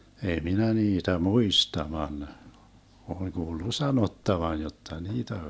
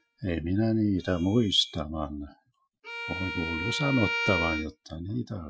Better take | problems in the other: first | noise reduction (classical method Wiener filter)

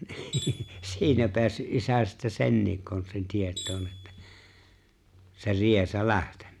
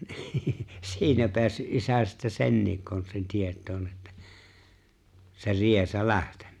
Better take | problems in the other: second | background sound (Tools); 19 dB below the speech

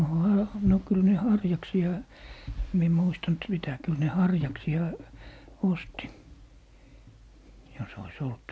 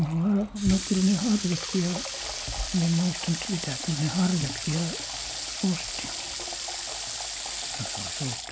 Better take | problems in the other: first | background sound (Water tap, faucet / Water); 6 dB below the speech

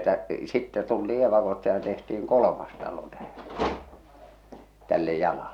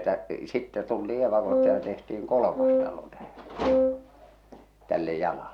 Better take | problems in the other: first | background sound (Wind instrument, woodwind instrument); 4 dB above the speech

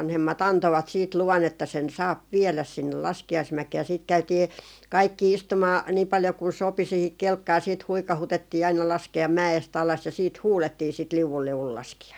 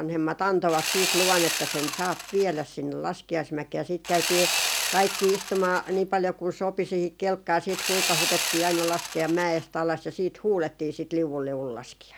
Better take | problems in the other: first | background sound (Sawing); 2 dB below the speech

